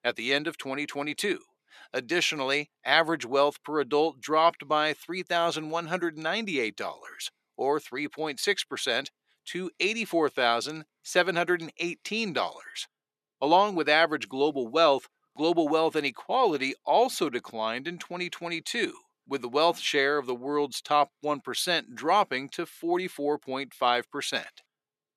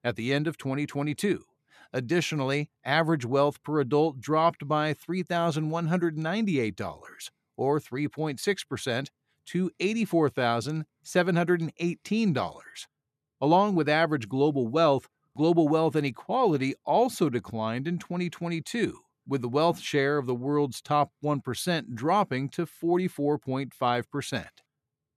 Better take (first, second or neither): second